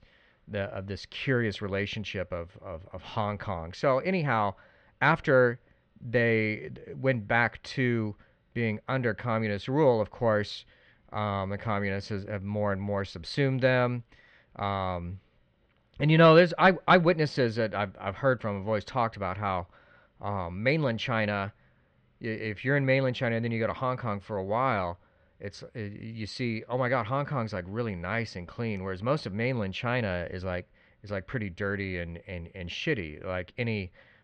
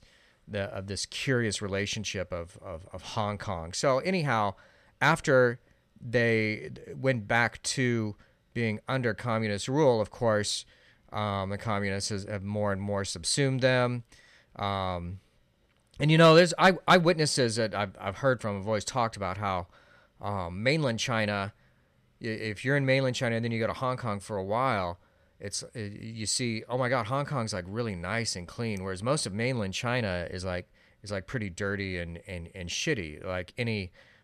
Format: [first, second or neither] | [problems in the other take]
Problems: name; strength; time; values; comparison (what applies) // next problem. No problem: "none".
second | muffled; slightly; fading above 3.5 kHz